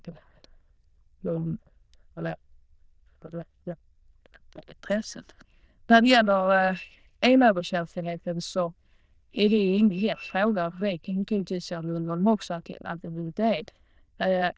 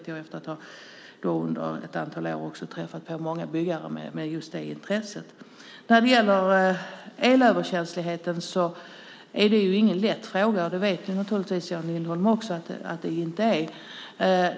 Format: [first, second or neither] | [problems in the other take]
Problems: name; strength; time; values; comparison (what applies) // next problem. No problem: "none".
second | noise reduction (neural diffusion model UNIVERSE++)